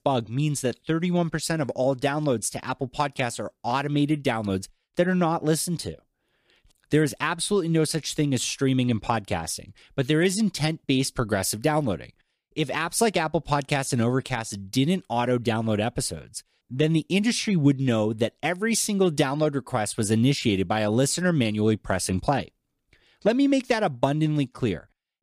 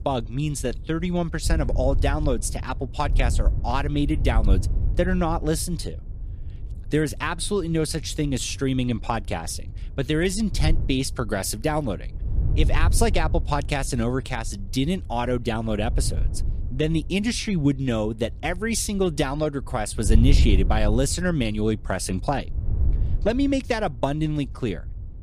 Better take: first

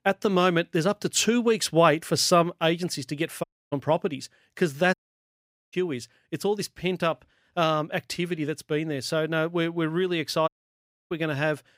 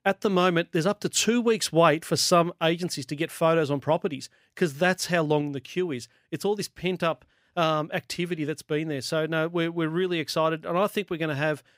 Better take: second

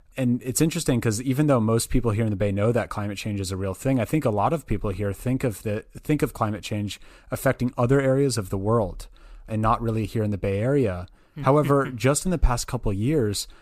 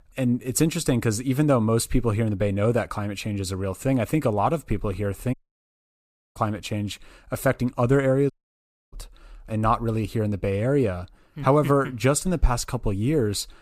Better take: first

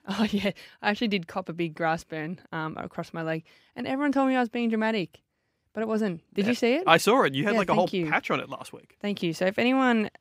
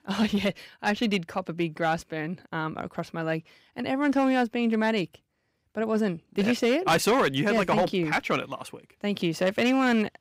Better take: first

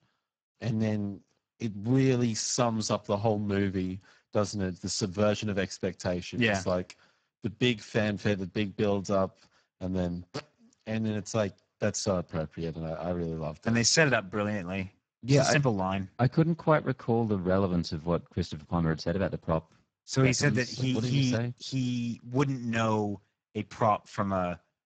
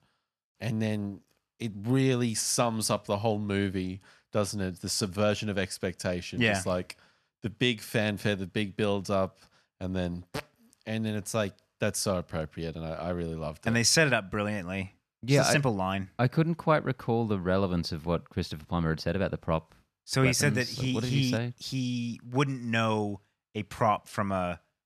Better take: second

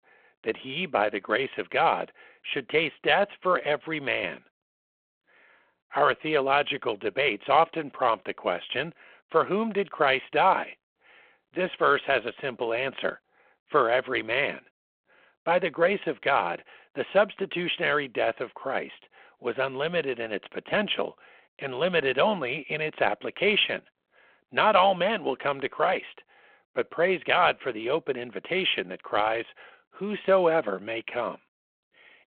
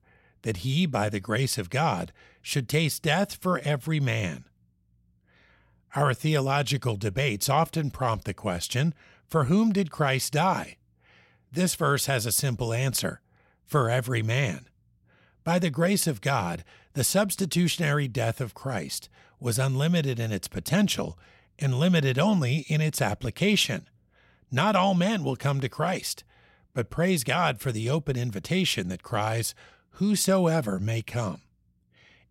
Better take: second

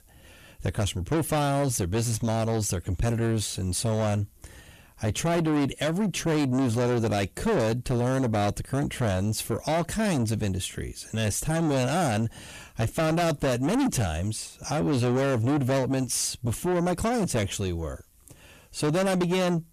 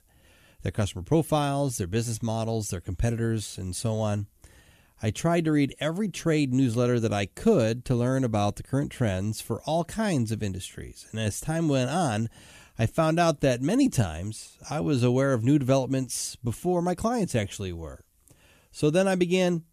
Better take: second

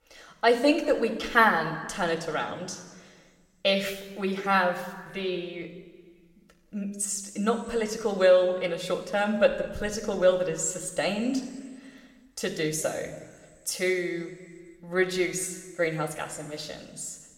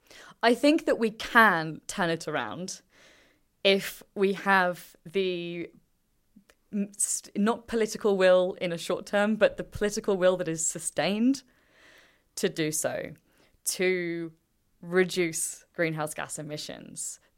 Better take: second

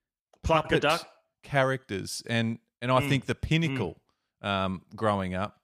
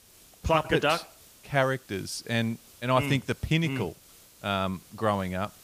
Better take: first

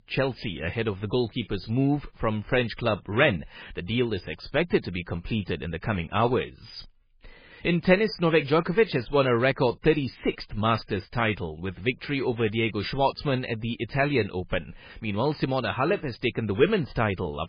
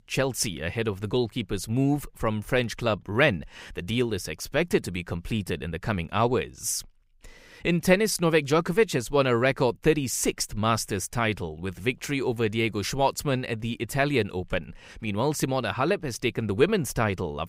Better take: second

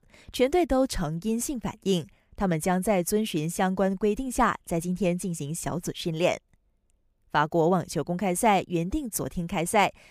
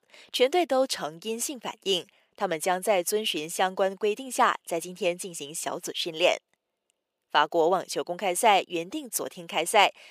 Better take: first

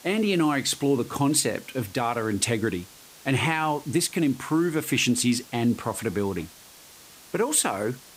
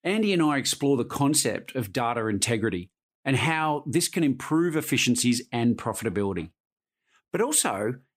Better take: second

